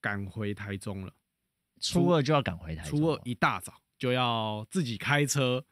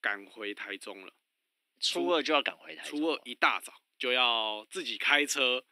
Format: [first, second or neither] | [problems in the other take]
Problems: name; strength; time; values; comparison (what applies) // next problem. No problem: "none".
first | thin; somewhat; fading below 300 Hz